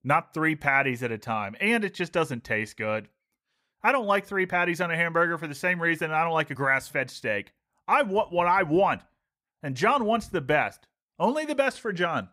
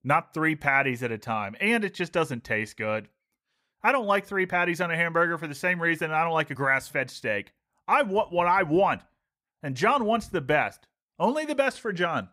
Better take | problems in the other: neither | none

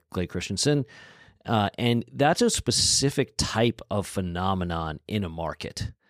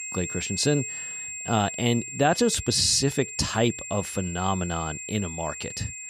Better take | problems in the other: first | high-pitched whine; loud; throughout; 7.5 kHz, 8 dB below the speech

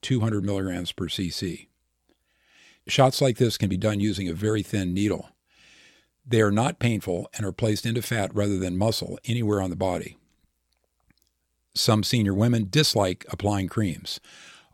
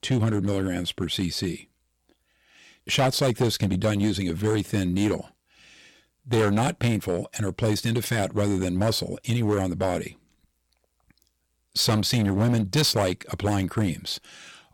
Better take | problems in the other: first | distortion; slight; 6% of the sound clipped

